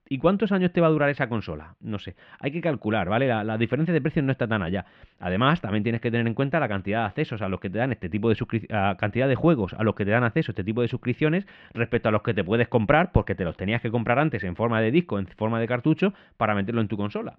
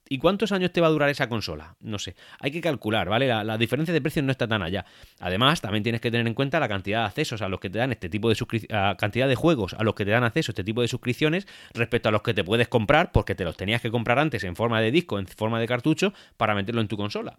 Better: second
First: muffled; very; fading above 2.5 kHz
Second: none

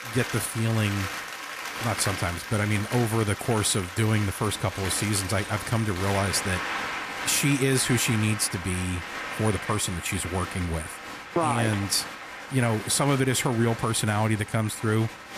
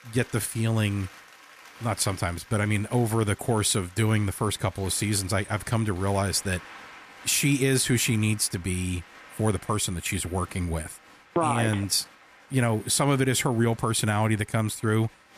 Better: second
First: crowd noise; loud; throughout; 8 dB below the speech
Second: crowd noise; faint; throughout; 20 dB below the speech

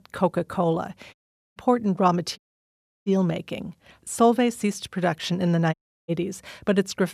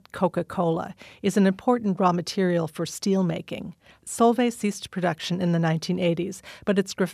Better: second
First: audio cutting out; at 1 s, at 2.5 s for 0.5 s and at 5.5 s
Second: none

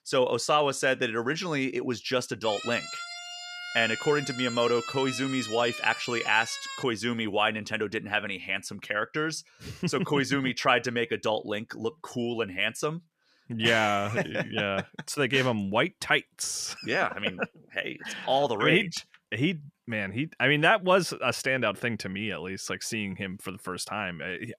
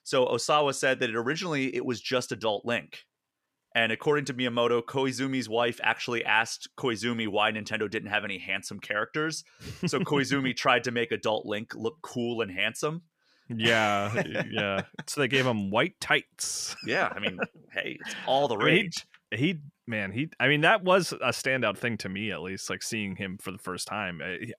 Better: second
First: siren; noticeable; from 2.5 to 7 s; peak 7 dB below the speech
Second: none

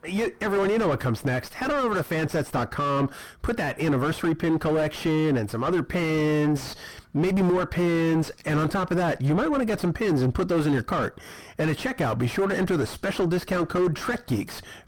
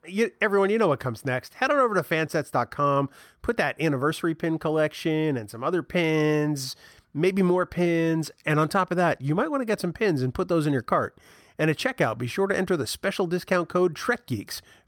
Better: second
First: distortion; heavy; 5 dB below the speech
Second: none

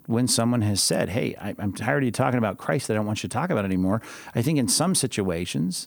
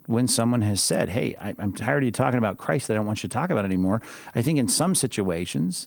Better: first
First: none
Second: garbled, watery; slightly; nothing above 19.5 kHz

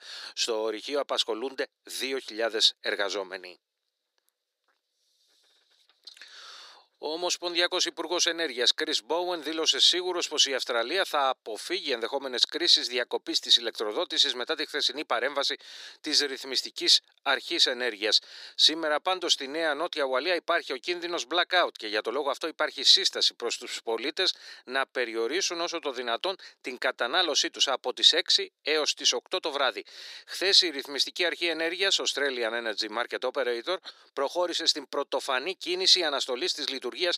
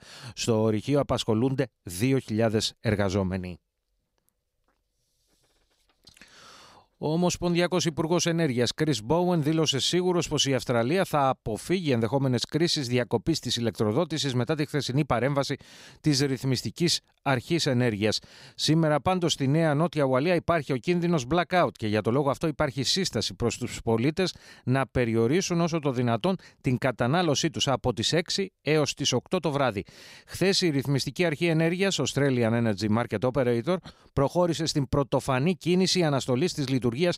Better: second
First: thin; very; fading below 350 Hz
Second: none

